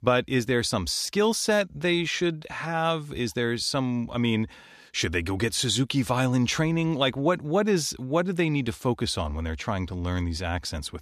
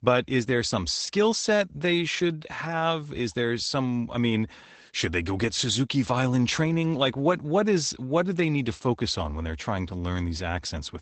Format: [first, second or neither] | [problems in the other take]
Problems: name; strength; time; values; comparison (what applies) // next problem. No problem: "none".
first | garbled, watery; badly; nothing above 8 kHz